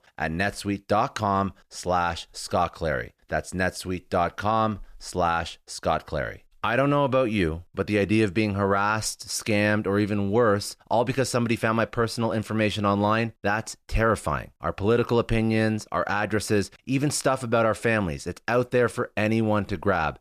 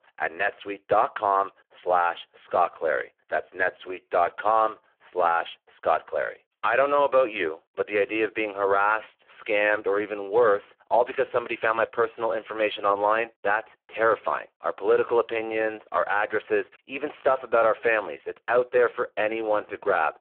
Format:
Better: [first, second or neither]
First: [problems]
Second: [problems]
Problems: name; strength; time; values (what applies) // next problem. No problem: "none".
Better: first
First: none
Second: phone-call audio; poor line